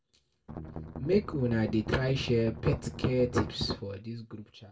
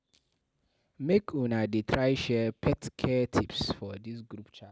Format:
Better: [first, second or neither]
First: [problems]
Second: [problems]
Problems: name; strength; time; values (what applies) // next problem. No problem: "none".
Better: second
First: background sound (Strum); 10 dB below the speech // room echo; dies away in 0.2 s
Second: none